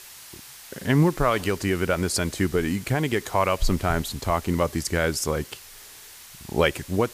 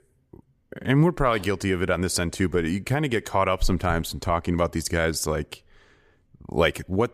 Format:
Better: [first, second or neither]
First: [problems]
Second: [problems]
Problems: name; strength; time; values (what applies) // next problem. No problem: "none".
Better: second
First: hiss; noticeable; throughout; 15 dB below the speech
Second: none